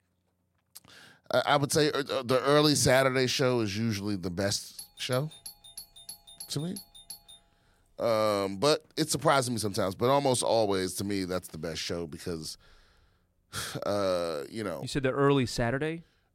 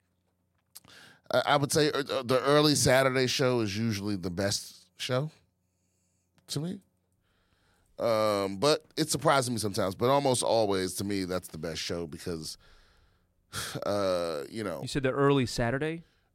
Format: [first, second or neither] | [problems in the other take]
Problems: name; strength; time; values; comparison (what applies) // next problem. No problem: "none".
second | doorbell; faint; from 5 to 7.5 s; peak 15 dB below the speech